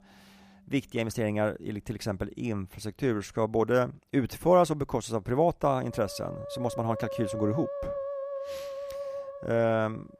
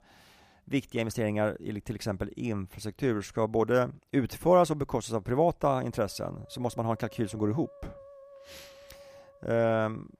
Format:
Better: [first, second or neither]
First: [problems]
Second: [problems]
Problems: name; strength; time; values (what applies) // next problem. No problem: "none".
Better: second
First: background music; loud; throughout; 8 dB below the speech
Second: background music; faint; throughout; 25 dB below the speech